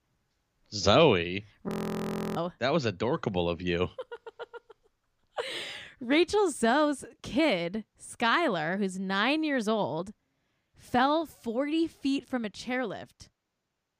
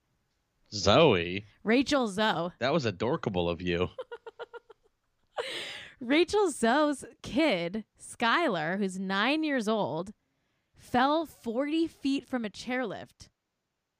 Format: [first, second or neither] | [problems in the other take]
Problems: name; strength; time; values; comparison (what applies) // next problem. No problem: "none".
second | audio freezing; at 1.5 s for 0.5 s